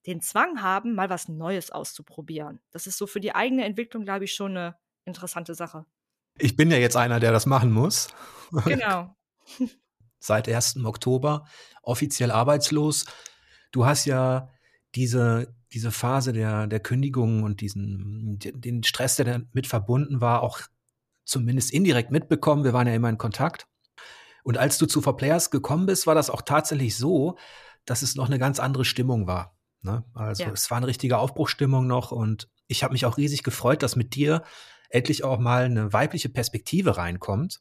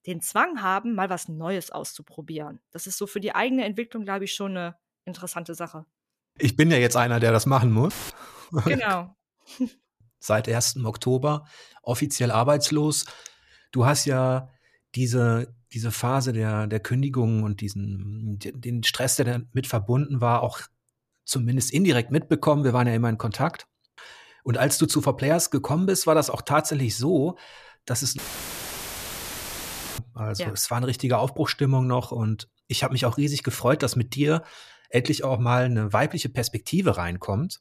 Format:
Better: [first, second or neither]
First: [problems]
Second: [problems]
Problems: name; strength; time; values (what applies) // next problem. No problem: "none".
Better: first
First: none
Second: audio cutting out; filled with static; at 8 s and at 28 s for 2 s